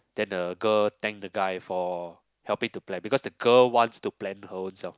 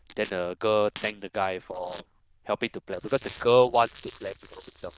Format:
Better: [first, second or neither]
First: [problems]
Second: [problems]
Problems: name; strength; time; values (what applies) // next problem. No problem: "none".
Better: first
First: none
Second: noise reduction (neural diffusion model UNIVERSE++)